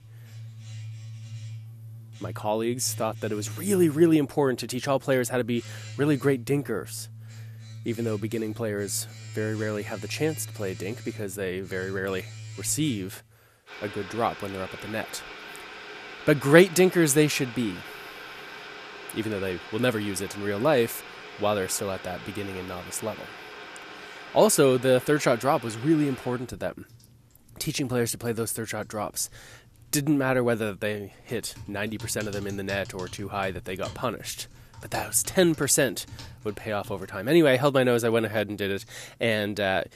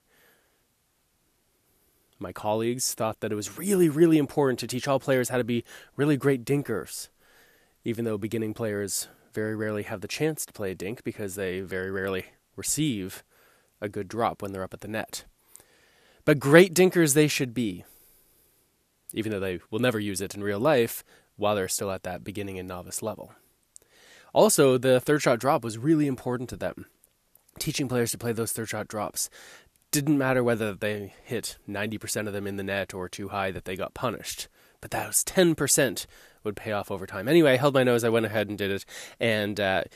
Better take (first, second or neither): second